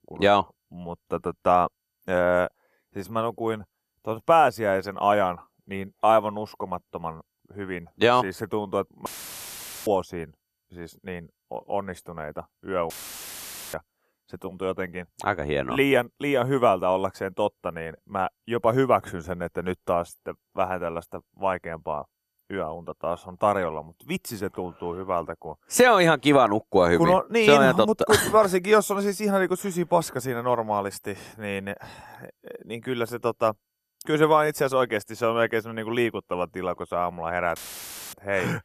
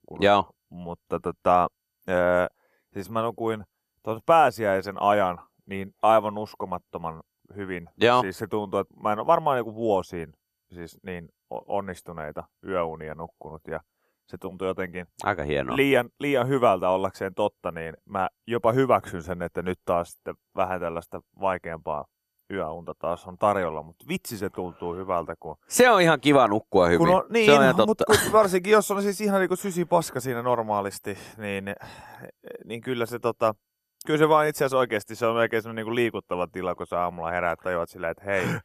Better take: second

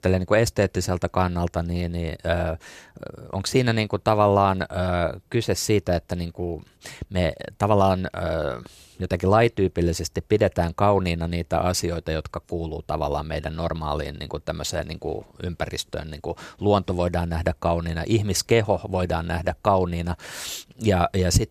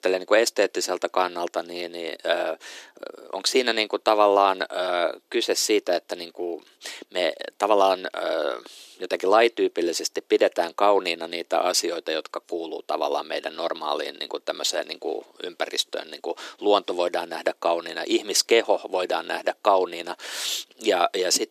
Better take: first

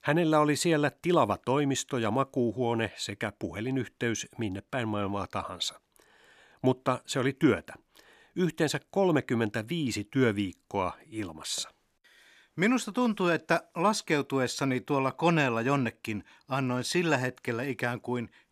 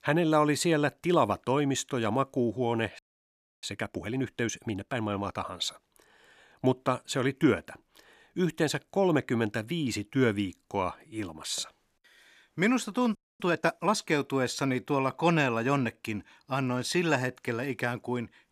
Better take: first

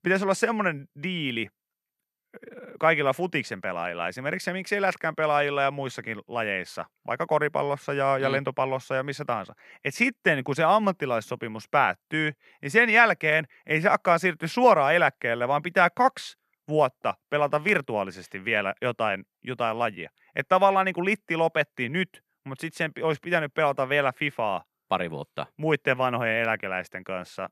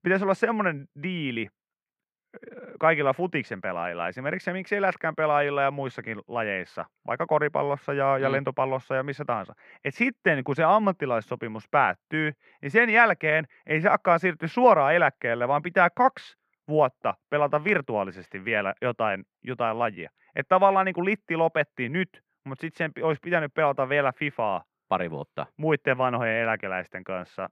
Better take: first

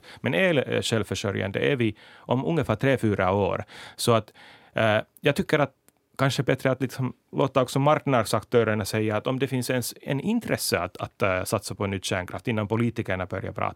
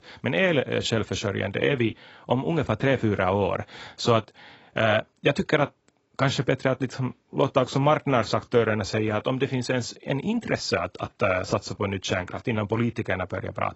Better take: first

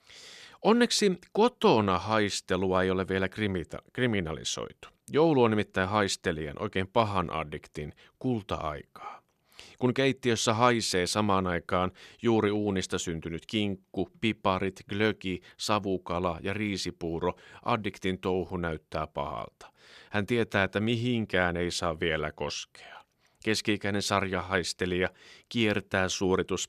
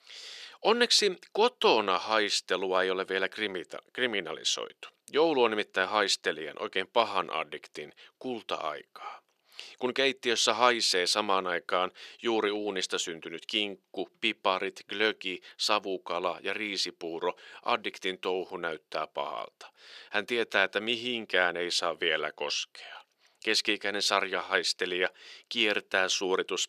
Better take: first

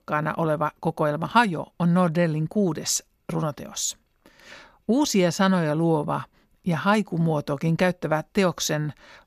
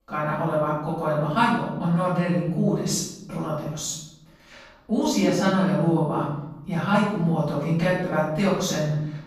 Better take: first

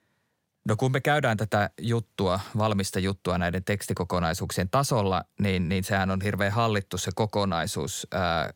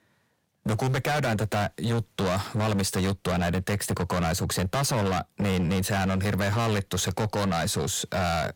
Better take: first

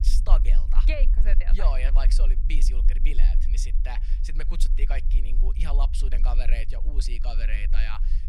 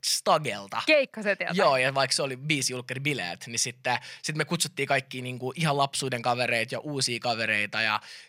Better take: second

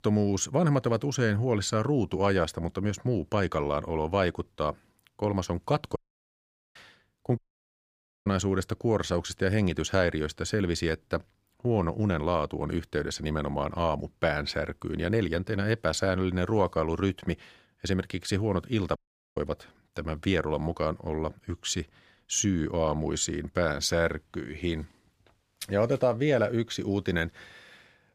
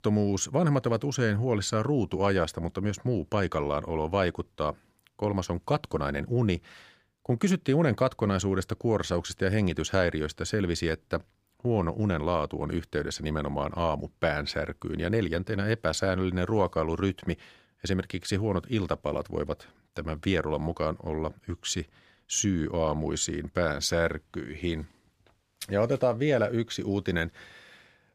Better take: second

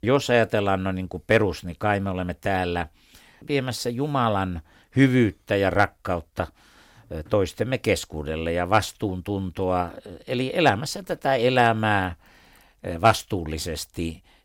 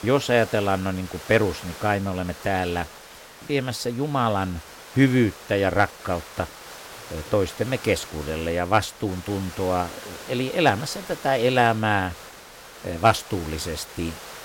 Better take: first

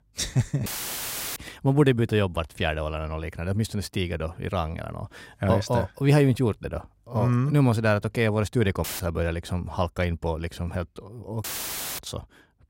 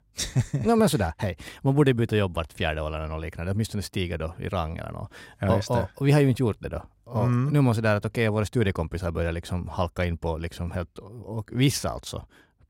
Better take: second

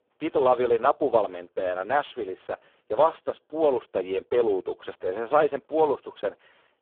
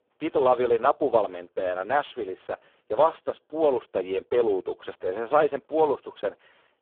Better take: neither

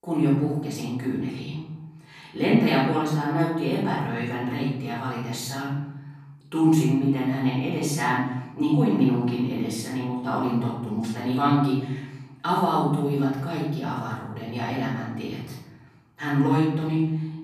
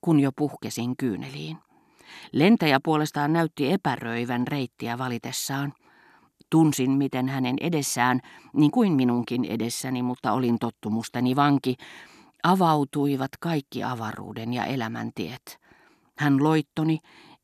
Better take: second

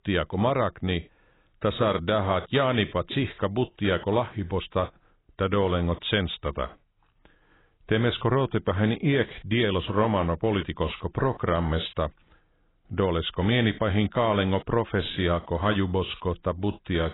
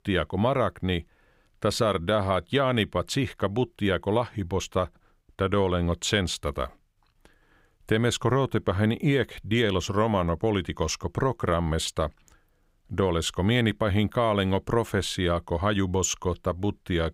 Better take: second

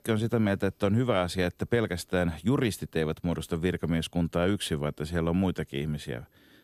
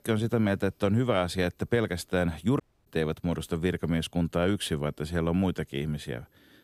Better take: first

